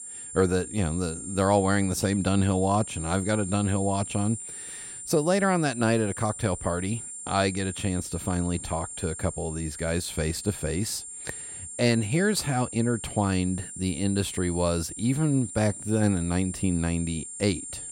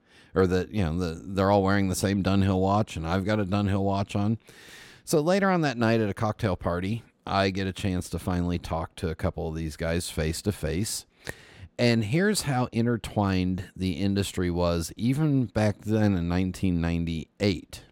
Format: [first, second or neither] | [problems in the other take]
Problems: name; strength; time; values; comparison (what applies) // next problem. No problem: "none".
second | high-pitched whine; loud; throughout; 9 kHz, 9 dB below the speech